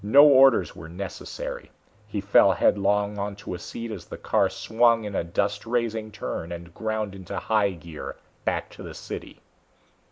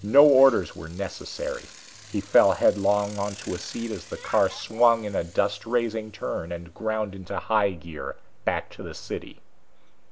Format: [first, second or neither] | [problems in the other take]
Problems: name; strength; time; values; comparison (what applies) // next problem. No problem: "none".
first | background sound (Bicycle); 19 dB below the speech